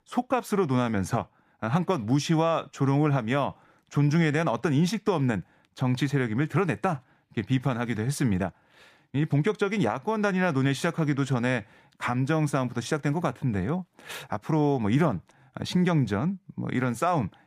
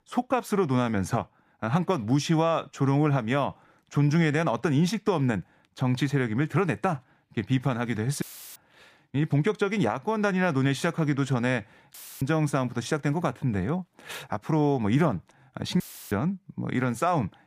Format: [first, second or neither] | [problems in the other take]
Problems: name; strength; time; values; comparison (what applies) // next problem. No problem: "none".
first | audio cutting out; filled with static; at 8 s, at 12 s and at 16 s